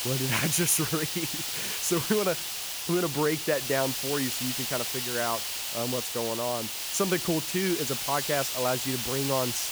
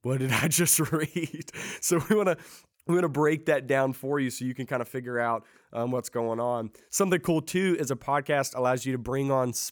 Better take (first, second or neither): second